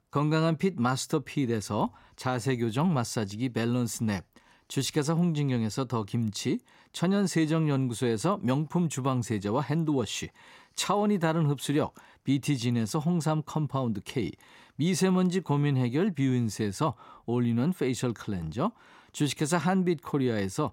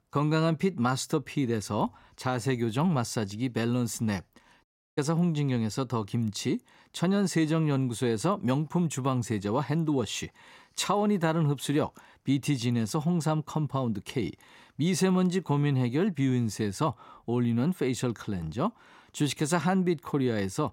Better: first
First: none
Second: audio cutting out; at 4.5 s

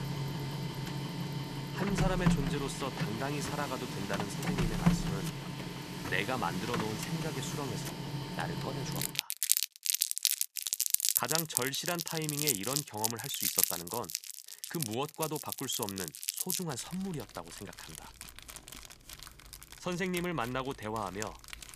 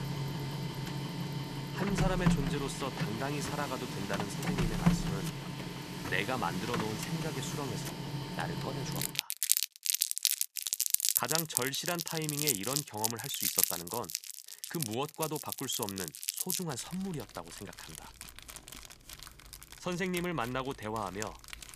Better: neither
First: household noises; very loud; throughout; 4 dB above the speech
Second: household noises; very loud; throughout; 4 dB above the speech

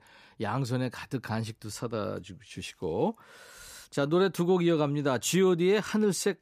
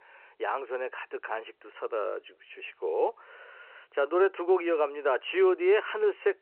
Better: first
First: none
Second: phone-call audio

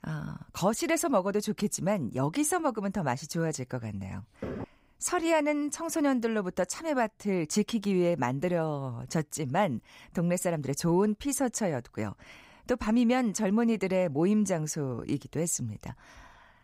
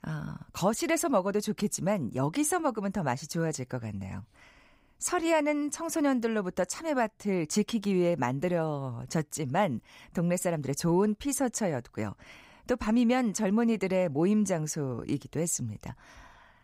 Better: second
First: door banging; noticeable; at 4.5 s; peak 9 dB below the speech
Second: none

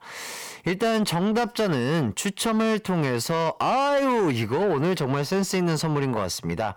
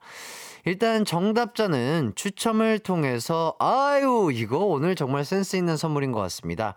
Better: second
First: distortion; slight; 10 dB below the speech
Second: none

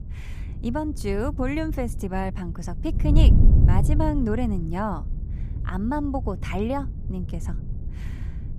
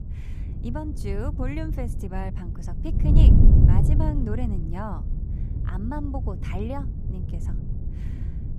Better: first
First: wind noise on the microphone; occasional gusts; 10 dB below the speech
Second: wind noise on the microphone; heavy; 2 dB below the speech

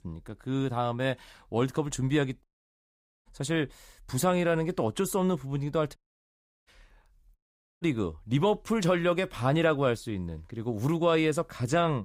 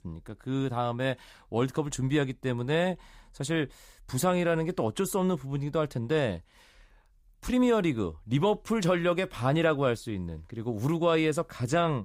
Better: second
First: audio cutting out; at 2.5 s for 1 s, at 6 s for 0.5 s and at 7.5 s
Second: none

